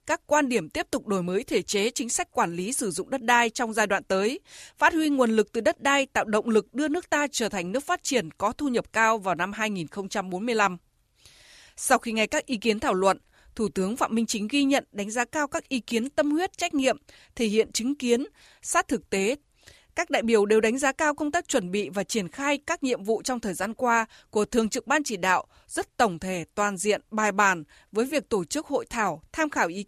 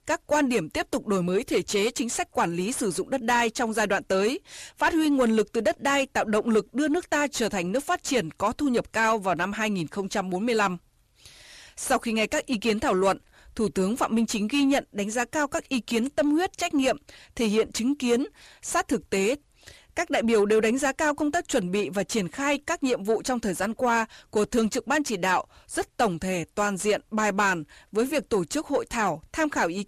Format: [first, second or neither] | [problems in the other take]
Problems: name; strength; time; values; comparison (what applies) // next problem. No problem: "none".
first | distortion; slight; 10 dB below the speech